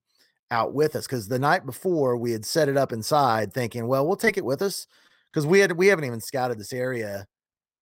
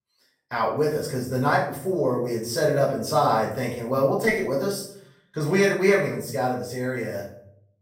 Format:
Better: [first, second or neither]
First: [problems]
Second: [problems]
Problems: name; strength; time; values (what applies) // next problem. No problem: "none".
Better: first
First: none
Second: off-mic speech; far // room echo; noticeable; dies away in 0.5 s